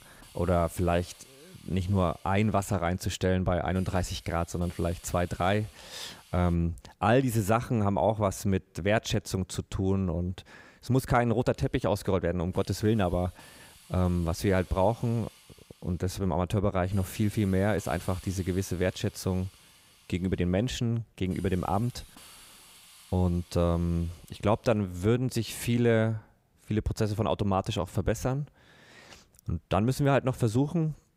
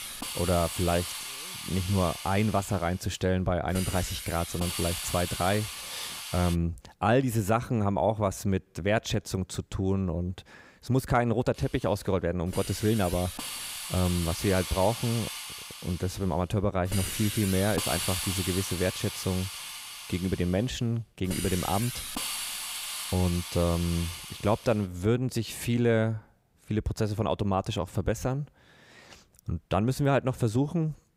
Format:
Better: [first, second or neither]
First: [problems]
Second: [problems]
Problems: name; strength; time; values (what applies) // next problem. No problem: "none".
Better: first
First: hiss; faint; until 6.5 s and from 12 to 25 s; 25 dB below the speech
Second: hiss; loud; until 6.5 s and from 12 to 25 s; 6 dB below the speech